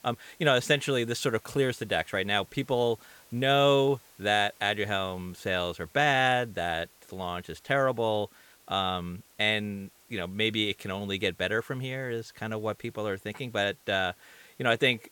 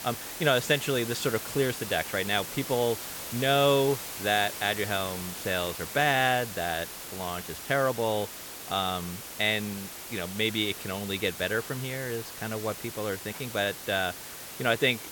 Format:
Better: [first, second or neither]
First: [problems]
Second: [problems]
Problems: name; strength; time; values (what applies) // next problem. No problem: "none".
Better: first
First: hiss; faint; throughout; 30 dB below the speech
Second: hiss; loud; throughout; 9 dB below the speech